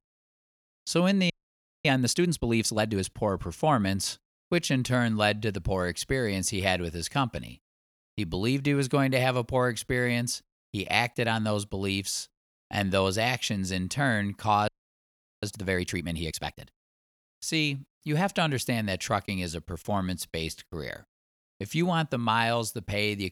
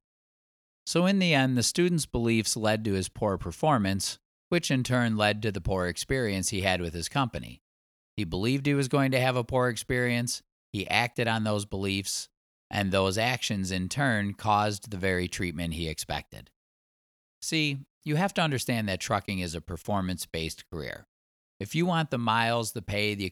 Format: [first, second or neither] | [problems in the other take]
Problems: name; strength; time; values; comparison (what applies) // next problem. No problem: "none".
second | audio freezing; at 1.5 s for 0.5 s and at 15 s for 0.5 s